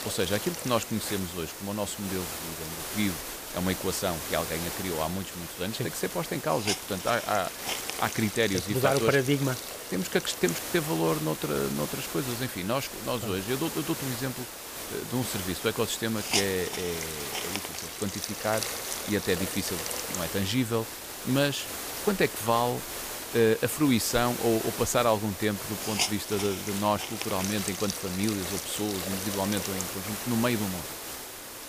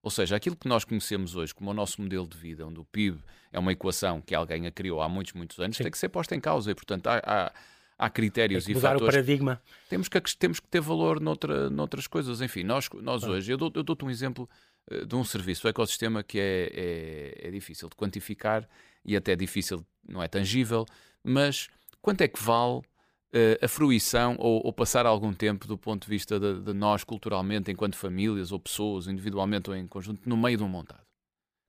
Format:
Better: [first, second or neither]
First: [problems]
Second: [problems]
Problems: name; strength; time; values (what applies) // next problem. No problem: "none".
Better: second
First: hiss; loud; throughout; 4 dB below the speech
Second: none